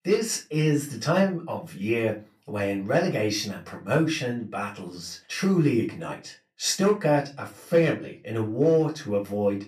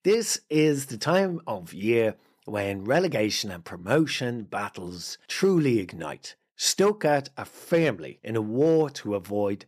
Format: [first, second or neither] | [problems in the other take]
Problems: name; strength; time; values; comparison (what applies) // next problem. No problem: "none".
second | off-mic speech; far // room echo; very slight; dies away in 0.2 s